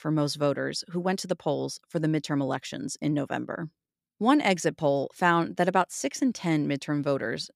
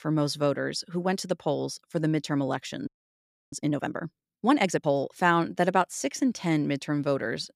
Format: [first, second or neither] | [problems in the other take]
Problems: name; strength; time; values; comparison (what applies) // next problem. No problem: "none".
first | audio freezing; at 3 s for 0.5 s